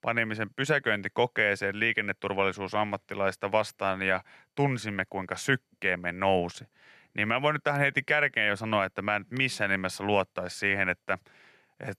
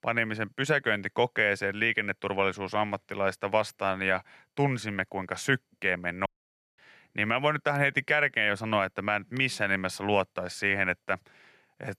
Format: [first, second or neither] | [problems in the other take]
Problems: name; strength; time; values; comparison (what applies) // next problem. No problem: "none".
first | audio cutting out; at 6.5 s for 0.5 s